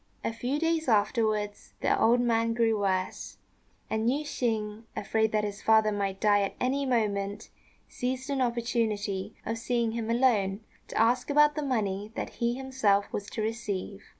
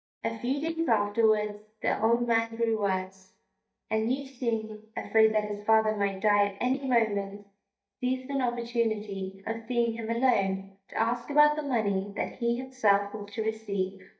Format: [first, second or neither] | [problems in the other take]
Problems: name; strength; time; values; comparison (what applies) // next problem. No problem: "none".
first | noise reduction (neural mask model DeepFilterNet 3)